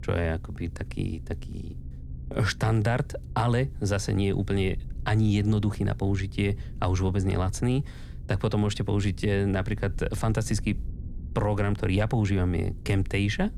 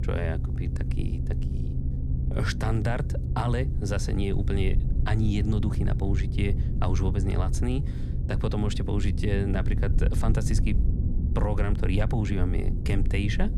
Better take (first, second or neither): first